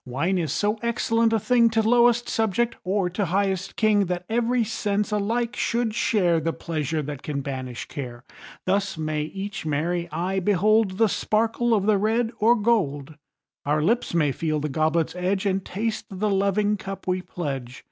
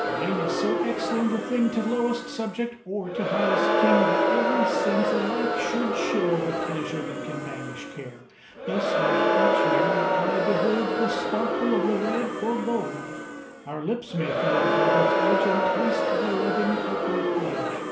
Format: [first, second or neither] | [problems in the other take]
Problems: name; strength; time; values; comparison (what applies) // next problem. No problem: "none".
first | background sound (Crowd); 4 dB above the speech // room echo; dies away in 0.5 s